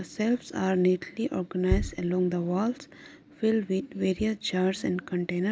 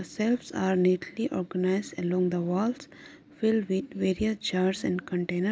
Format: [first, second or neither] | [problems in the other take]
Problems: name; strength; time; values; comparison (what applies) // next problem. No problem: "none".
second | background sound (Bass drum); 7 dB below the speech